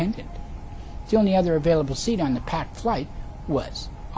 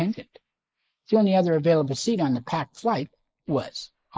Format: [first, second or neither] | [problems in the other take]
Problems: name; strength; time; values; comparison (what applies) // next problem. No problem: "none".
first | noise reduction (neural mask model Resemble Enhance denoiser)